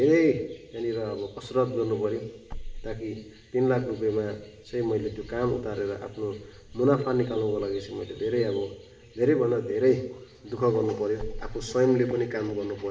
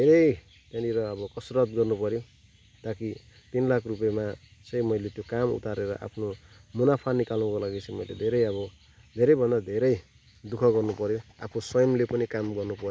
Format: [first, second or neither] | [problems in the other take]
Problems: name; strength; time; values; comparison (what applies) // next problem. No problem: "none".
second | background sound (Wind / Car); 18 dB below the speech // room echo; dies away in 1.3 s